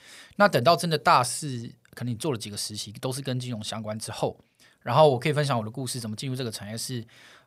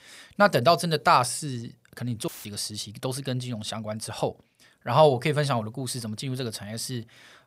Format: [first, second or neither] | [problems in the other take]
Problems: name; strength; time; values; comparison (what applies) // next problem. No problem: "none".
first | audio cutting out; filled with static; at 2.5 s